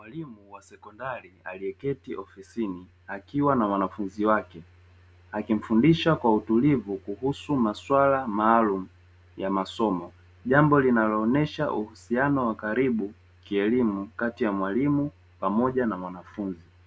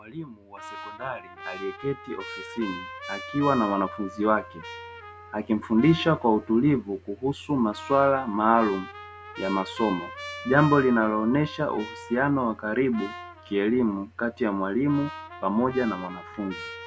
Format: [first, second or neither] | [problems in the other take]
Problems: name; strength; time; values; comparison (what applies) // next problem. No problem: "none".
first | background sound (Trumpet); 15 dB below the speech